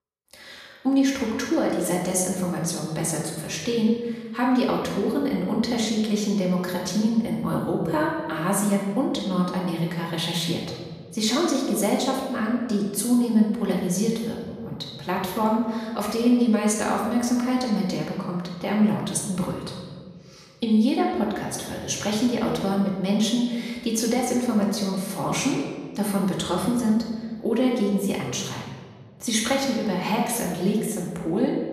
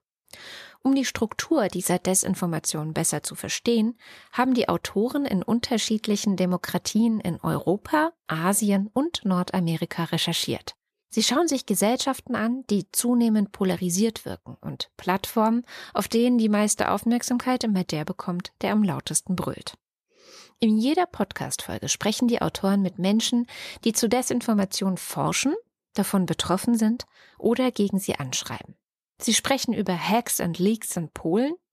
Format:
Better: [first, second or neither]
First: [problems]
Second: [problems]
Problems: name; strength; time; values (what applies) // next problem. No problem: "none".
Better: second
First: off-mic speech; far // room echo; noticeable; dies away in 1.4 s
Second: none